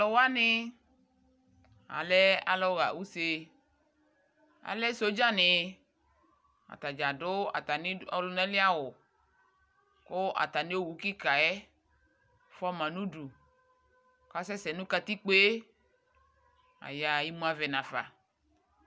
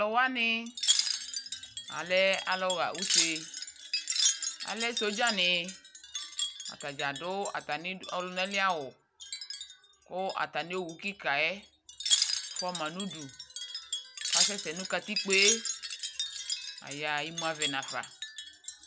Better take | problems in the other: first | background sound (Wind chime); 1 dB below the speech

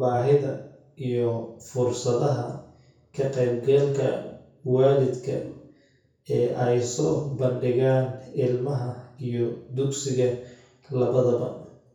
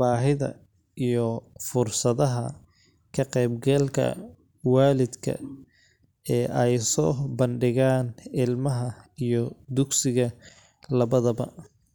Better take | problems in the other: second | room echo; dies away in 0.6 s

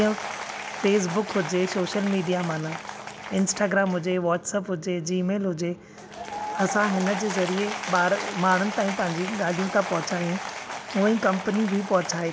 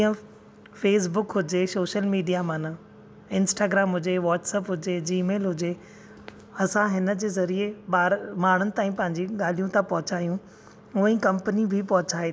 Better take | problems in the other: second | background sound (Applause / Crowd); 9 dB below the speech

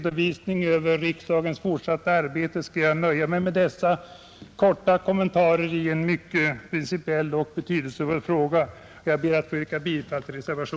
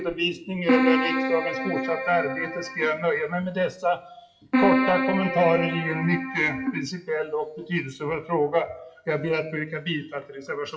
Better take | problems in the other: first | noise reduction (classical method WPE with log-MMSE)

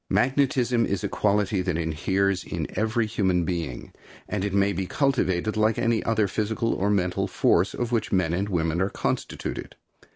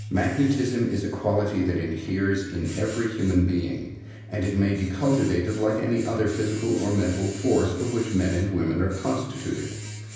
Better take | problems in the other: first | background sound (Domestic sounds, home sounds); 13 dB below the speech // room echo; dies away in 0.9 s

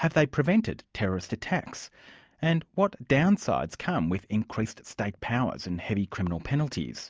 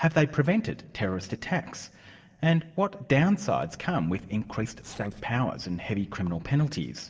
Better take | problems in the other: first | noise reduction (neural separator model SepFormer DNS4)

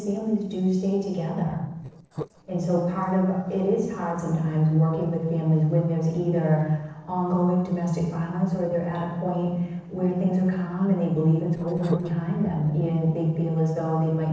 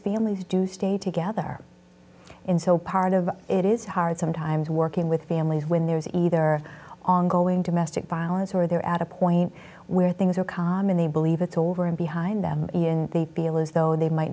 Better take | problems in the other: second | noise reduction (neural separator model SepFormer DNS4)

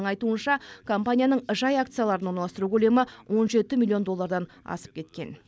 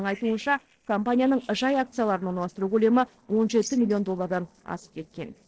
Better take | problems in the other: first | noise reduction (neural separator model SepFormer DNS4)

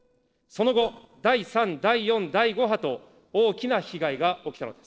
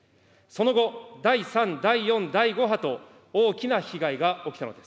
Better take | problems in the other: second | noise reduction (neural separator model SepFormer DNS4)

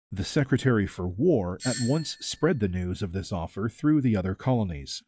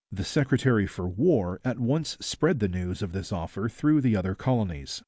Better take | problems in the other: second | noise reduction (classical method log-MMSE)

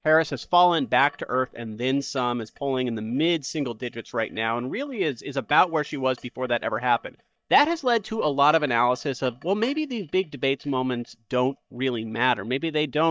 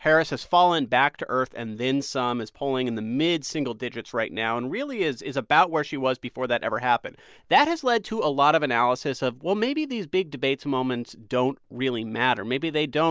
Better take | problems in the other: second | noise reduction (neural mask model DeepFilterNet 3)

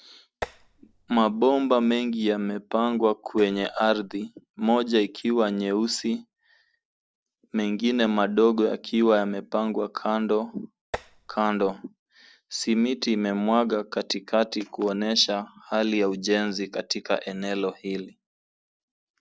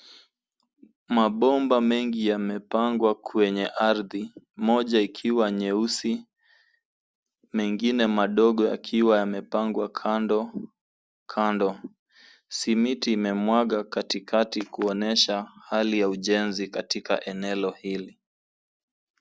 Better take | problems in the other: second | noise reduction (neural separator model SepFormer DNS4)

